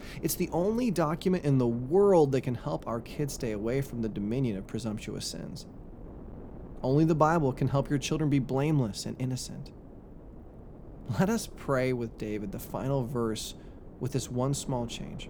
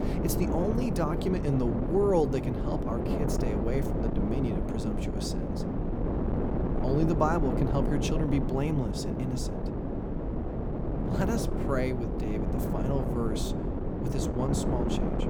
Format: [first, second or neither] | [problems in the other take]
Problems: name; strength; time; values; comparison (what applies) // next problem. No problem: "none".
first | wind noise on the microphone; heavy; 2 dB below the speech; occasional gusts in the first